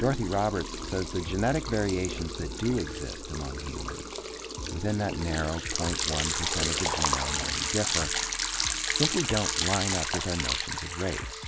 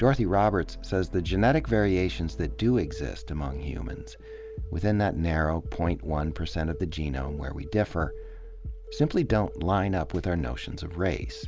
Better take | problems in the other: second | background sound (Liquid); 1 dB below the speech

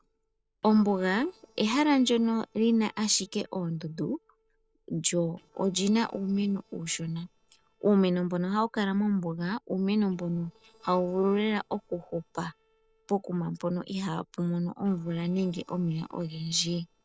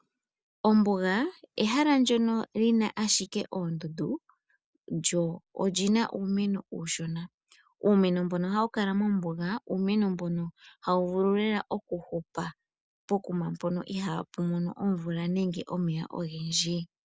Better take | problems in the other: second | noise reduction (neural separator model SepFormer DNS4)

